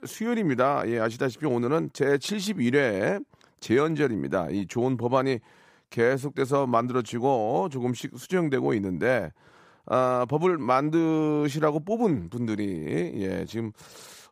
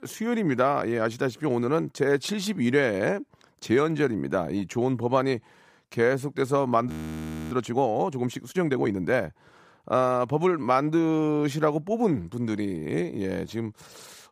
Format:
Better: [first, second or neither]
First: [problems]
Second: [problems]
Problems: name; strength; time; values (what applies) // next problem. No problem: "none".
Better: first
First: none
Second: audio freezing; at 7 s for 0.5 s